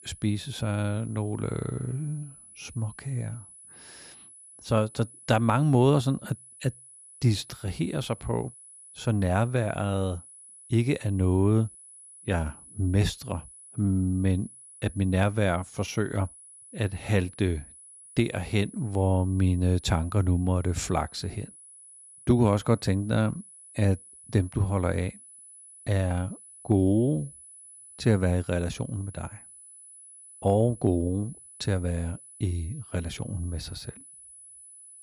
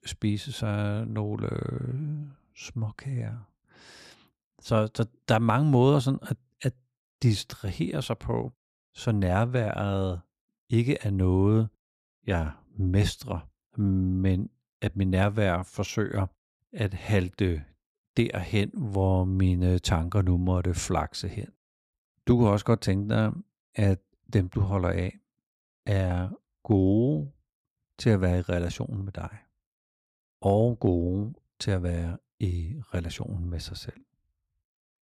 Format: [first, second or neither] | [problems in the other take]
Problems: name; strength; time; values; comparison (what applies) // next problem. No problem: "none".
second | high-pitched whine; noticeable; throughout; 10 kHz, 20 dB below the speech